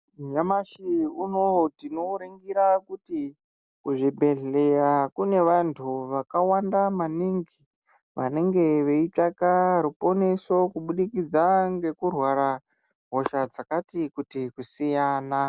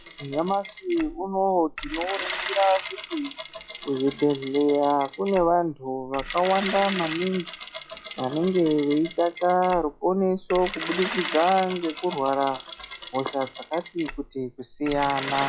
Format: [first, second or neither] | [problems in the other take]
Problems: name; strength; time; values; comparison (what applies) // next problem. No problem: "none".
first | noise reduction (classical method log-MMSE)